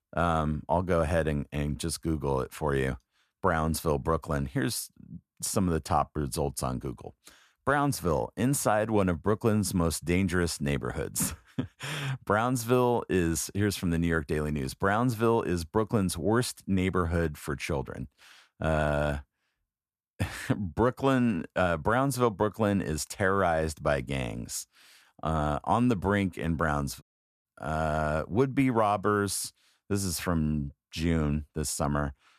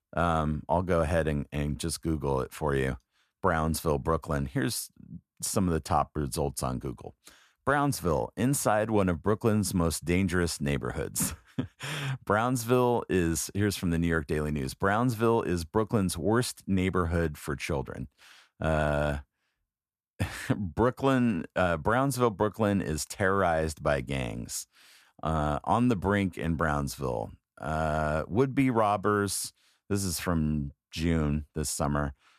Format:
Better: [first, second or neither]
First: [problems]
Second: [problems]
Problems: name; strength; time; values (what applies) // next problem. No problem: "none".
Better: second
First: audio cutting out; at 27 s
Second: none